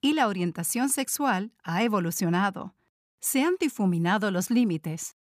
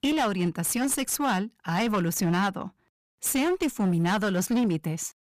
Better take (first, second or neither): first